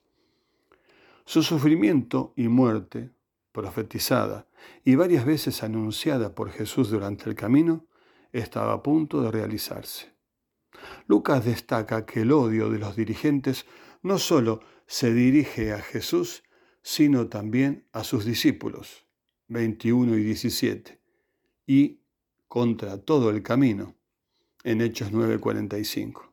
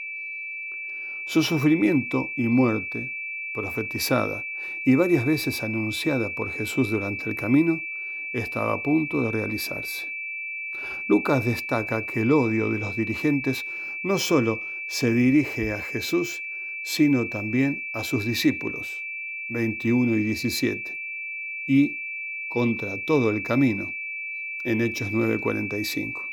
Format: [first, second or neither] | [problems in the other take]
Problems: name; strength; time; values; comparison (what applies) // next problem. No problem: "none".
first | high-pitched whine; loud; throughout; 2.5 kHz, 5 dB below the speech